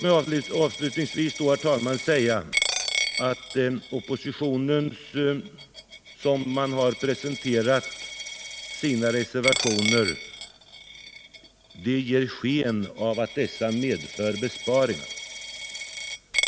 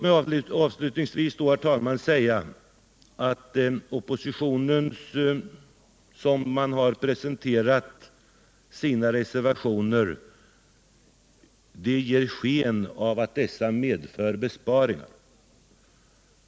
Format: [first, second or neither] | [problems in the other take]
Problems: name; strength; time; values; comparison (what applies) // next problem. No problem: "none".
second | background sound (Coin (dropping)); 7 dB below the speech